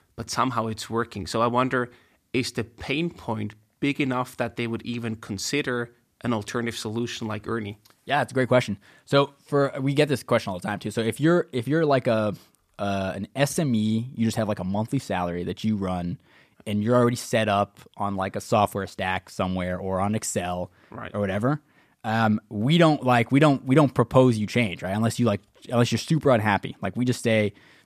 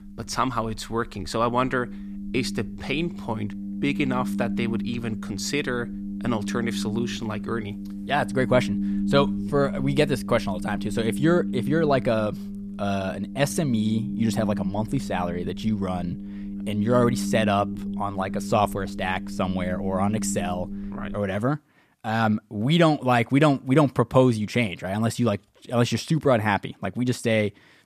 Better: first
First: none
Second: low rumble; noticeable; until 21 s; 10 dB below the speech

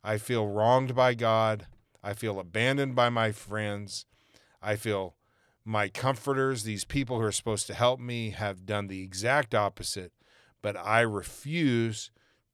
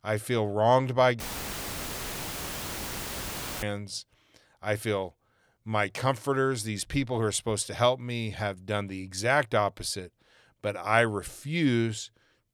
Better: first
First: none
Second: audio cutting out; filled with static; at 1 s for 2.5 s

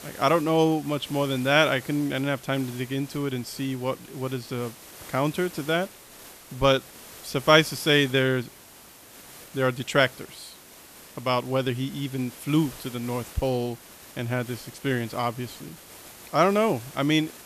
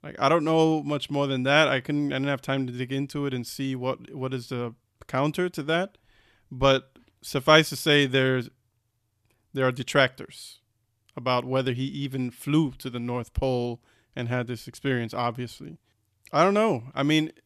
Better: second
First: hiss; noticeable; throughout; 20 dB below the speech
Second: none

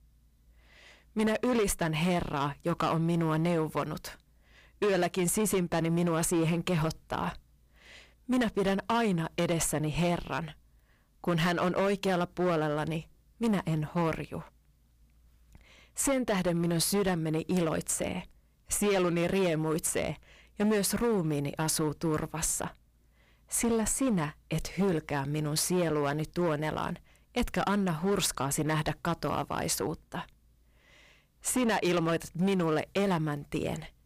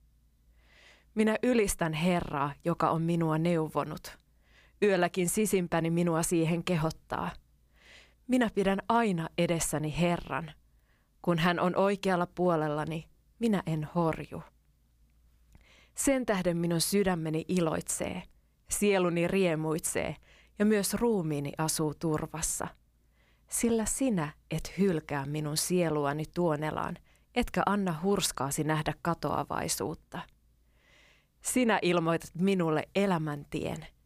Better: second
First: distortion; slight; 10% of the sound clipped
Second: none

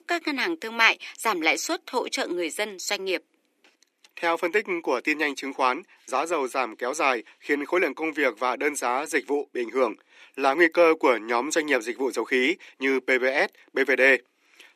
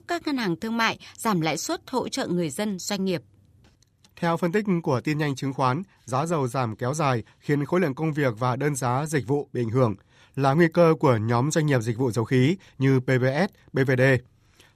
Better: second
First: thin; somewhat; fading below 300 Hz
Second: none

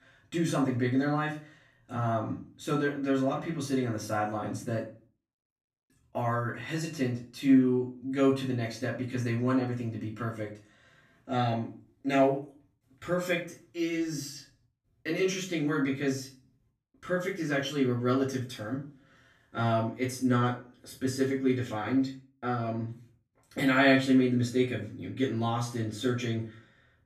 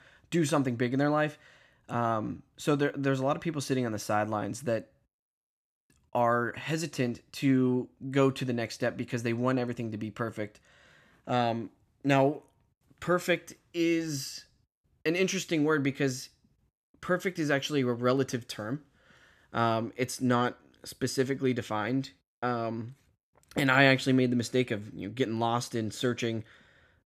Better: second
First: off-mic speech; far // room echo; slight; dies away in 0.3 s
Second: none

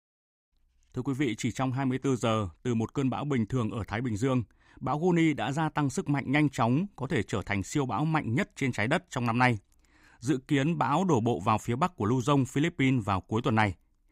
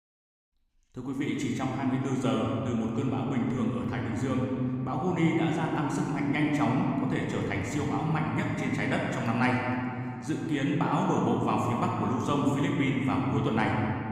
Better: first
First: none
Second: room echo; noticeable; dies away in 2.5 s // off-mic speech; somewhat distant

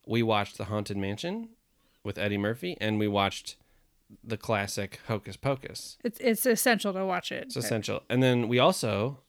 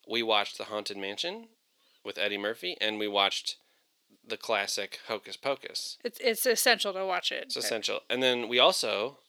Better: first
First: none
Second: thin; somewhat; fading below 450 Hz

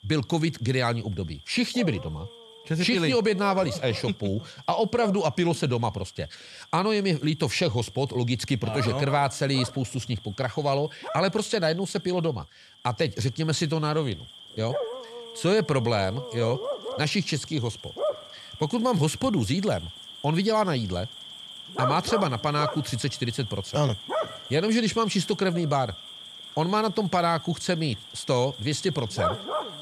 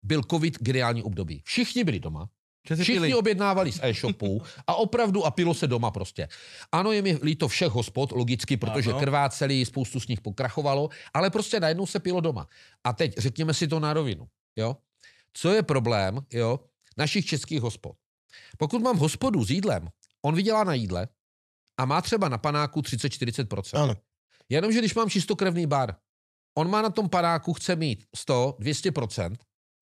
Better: second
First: animal sounds; noticeable; throughout; 10 dB below the speech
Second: none

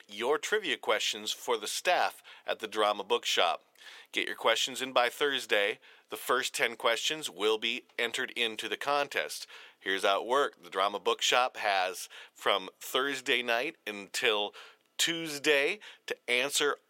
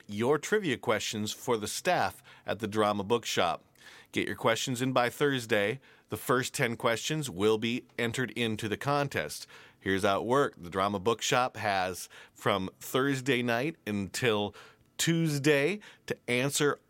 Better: second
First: thin; somewhat; fading below 500 Hz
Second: none

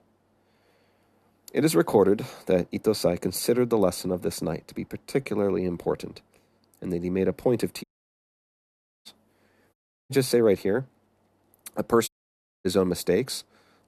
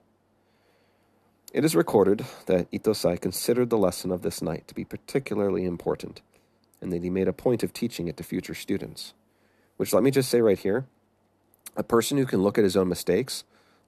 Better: second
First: audio cutting out; at 8 s for 1 s, at 9.5 s and at 12 s for 0.5 s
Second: none

